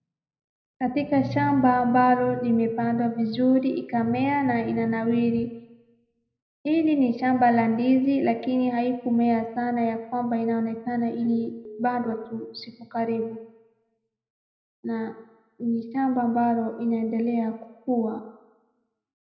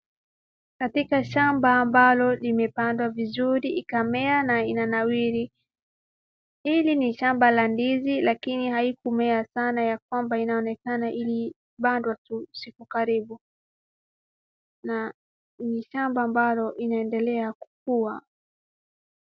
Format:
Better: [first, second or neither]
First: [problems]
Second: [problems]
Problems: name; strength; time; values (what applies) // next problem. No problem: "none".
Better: second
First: background sound (Telephone); 19 dB below the speech // room echo; dies away in 0.8 s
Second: none